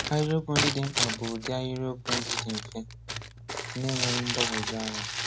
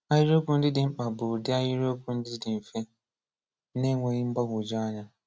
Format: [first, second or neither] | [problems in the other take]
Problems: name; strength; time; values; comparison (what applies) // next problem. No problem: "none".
second | background sound (Crumpling, crinkling); as loud as the speech